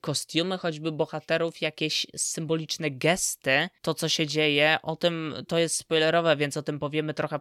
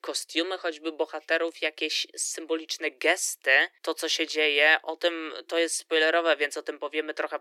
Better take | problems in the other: first | thin; very; fading below 300 Hz

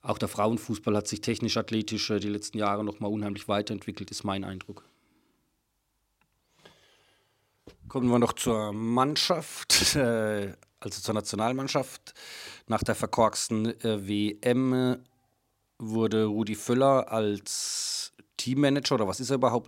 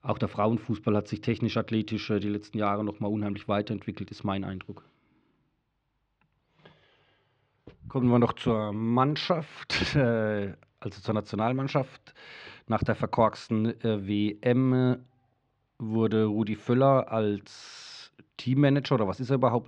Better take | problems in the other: first | muffled; slightly; fading above 3 kHz

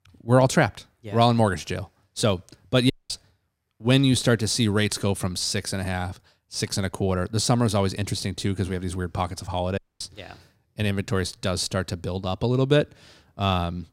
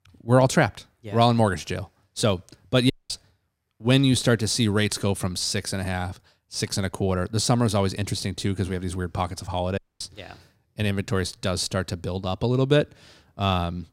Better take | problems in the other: neither | audio cutting out; at 3 s and at 10 s; the same in both

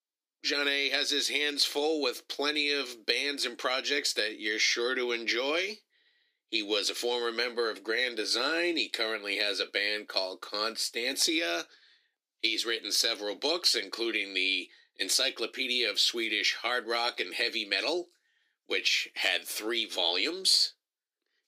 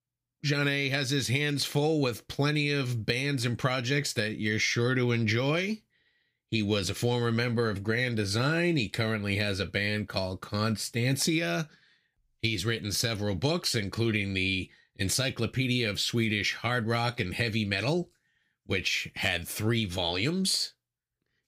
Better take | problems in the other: second | thin; very; fading below 300 Hz

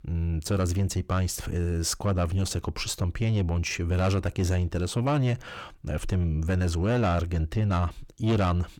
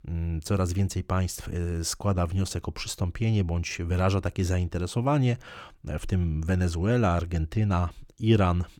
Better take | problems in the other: second | distortion; slight; 10 dB below the speech

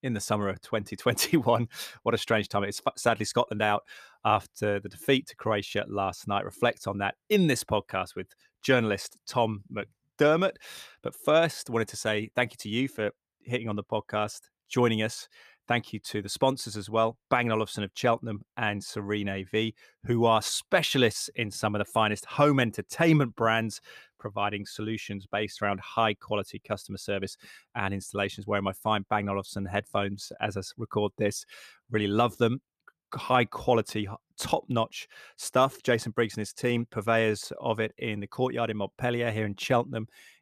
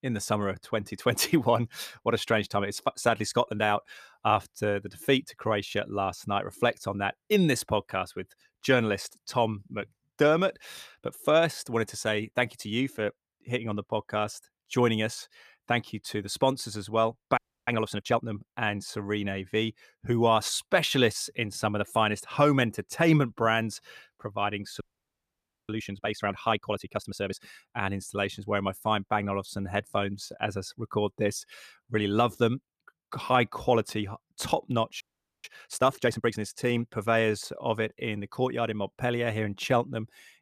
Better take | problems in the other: first | audio freezing; at 17 s, at 25 s for 1 s and at 35 s

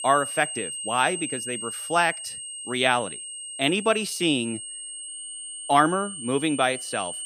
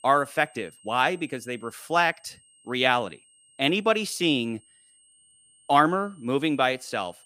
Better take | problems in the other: second | high-pitched whine; loud; throughout; 8.5 kHz, 8 dB below the speech; faint in the second

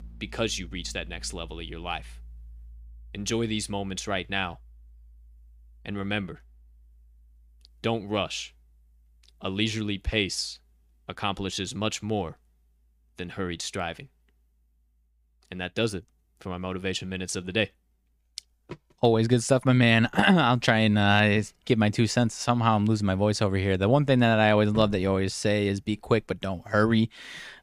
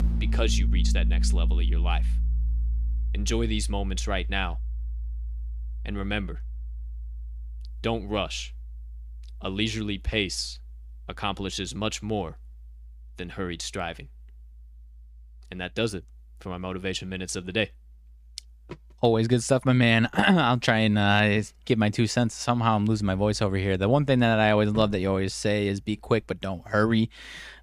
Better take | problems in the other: first | background music; loud; throughout; 5 dB below the speech; faint in the first

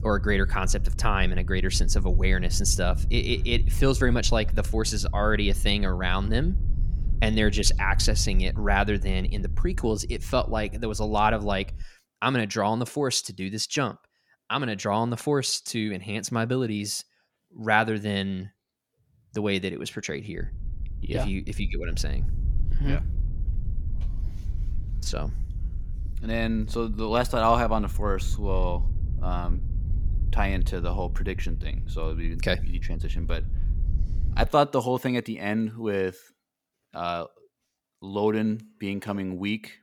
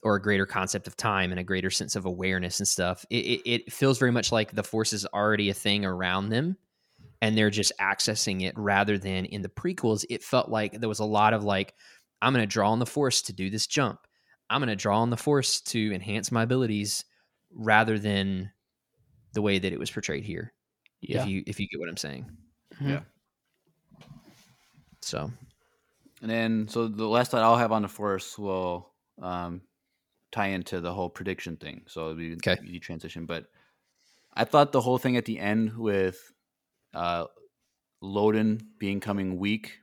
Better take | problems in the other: second | low rumble; faint; until 12 s and from 20 to 34 s; 20 dB below the speech

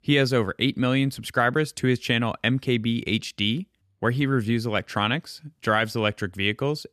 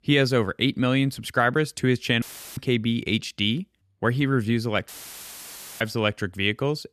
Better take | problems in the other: first | audio cutting out; filled with static; at 2 s and at 5 s for 1 s

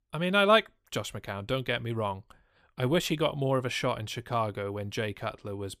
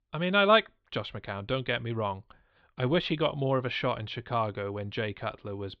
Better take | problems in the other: first | muffled; slightly; fading above 4 kHz

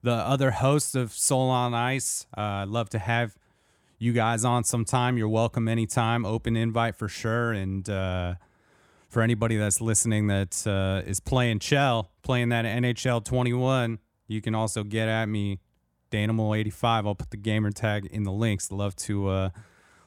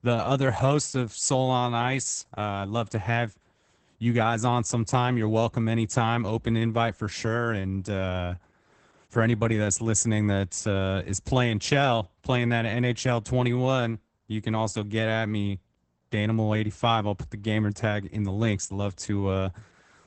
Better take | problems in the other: first | garbled, watery; badly; nothing above 8 kHz

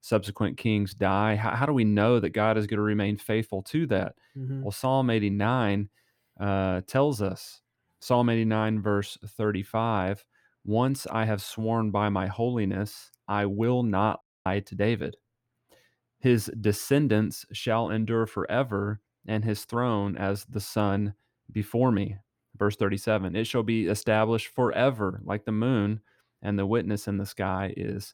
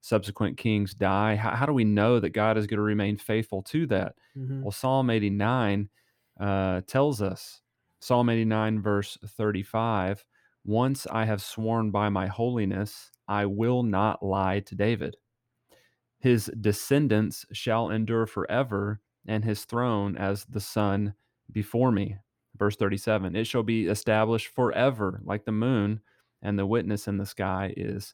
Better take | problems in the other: second | audio cutting out; at 14 s

